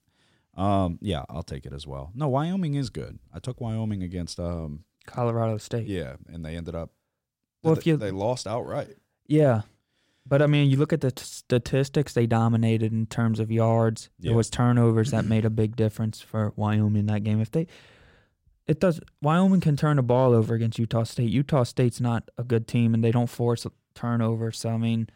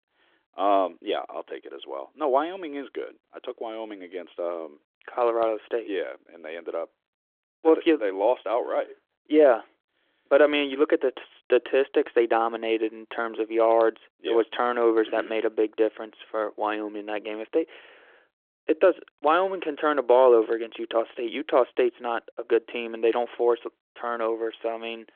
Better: first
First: none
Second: phone-call audio; nothing above 3.5 kHz

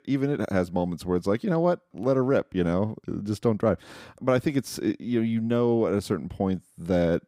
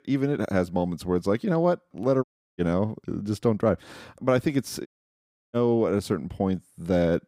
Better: first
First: none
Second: audio cutting out; at 2 s and at 5 s for 0.5 s

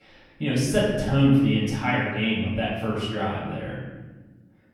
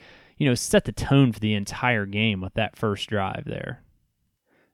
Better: second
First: room echo; noticeable; dies away in 1.2 s // off-mic speech; far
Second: none

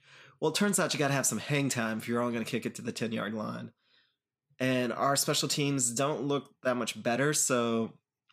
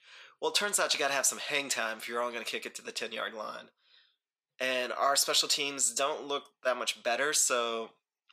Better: first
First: none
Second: thin; very; fading below 600 Hz

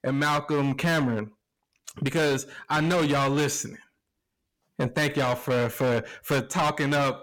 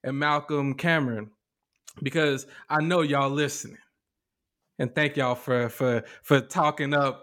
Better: second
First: distortion; heavy; 17% of the sound clipped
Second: none

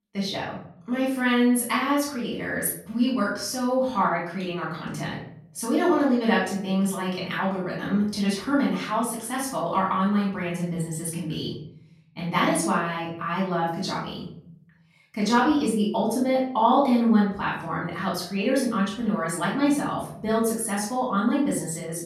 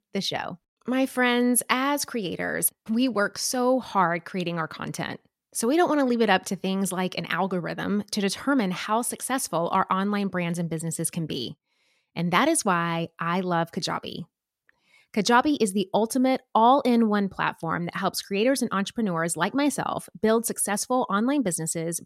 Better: second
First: off-mic speech; far // room echo; noticeable; dies away in 0.7 s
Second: none

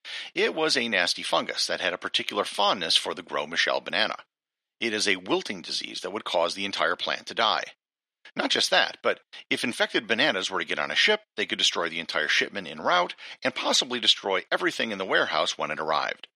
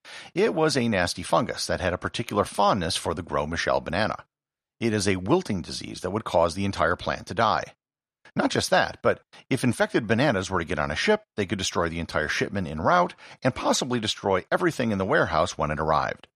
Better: second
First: thin; very slightly; fading below 300 Hz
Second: none

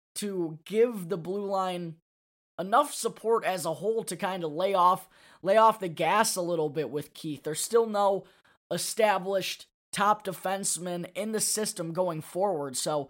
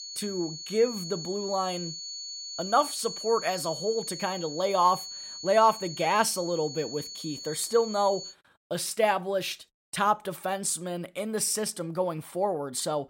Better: first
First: none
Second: high-pitched whine; loud; until 8.5 s; 4.5 kHz, 9 dB below the speech

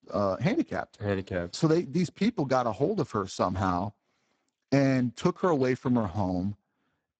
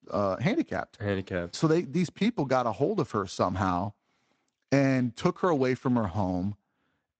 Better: second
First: garbled, watery; badly; nothing above 8 kHz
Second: garbled, watery; slightly; nothing above 8 kHz

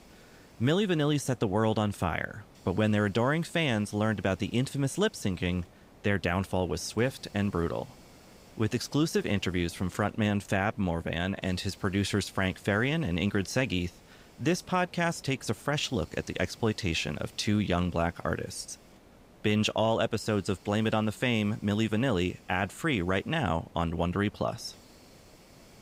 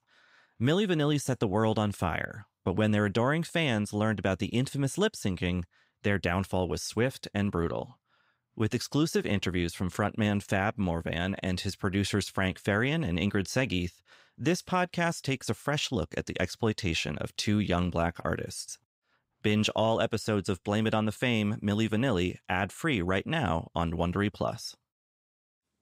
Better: second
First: hiss; faint; throughout; 25 dB below the speech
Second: none

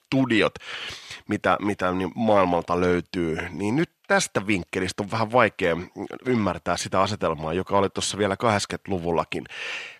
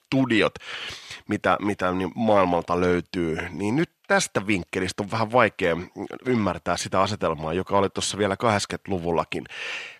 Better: neither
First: thin; somewhat; fading below 800 Hz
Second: thin; somewhat; fading below 800 Hz

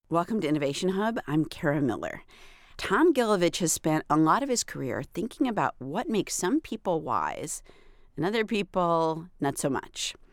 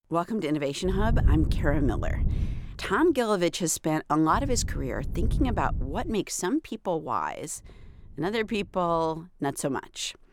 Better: first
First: none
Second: wind noise on the microphone; occasional gusts; from 1 to 3 s, from 4.5 to 6 s and from 7.5 to 9 s; 15 dB below the speech

